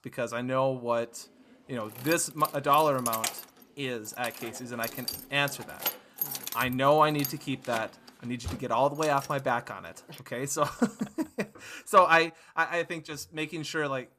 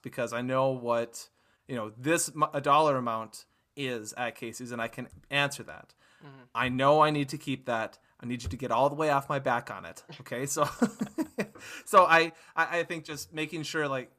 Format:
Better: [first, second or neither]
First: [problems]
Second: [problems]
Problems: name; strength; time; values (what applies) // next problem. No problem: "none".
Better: second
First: jangling keys; noticeable; from 2 to 9.5 s; peak 2 dB below the speech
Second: none